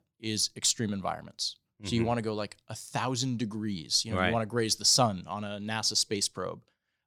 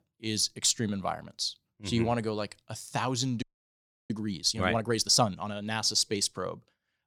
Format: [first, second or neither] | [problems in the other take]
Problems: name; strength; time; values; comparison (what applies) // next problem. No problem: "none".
first | audio freezing; at 3.5 s for 0.5 s